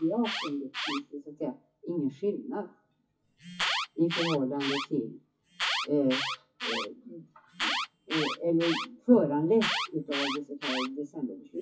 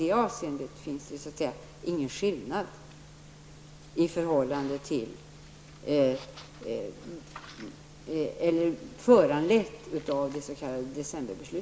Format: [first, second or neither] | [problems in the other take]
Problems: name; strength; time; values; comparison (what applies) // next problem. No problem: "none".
second | noise reduction (classical method WPE with log-MMSE)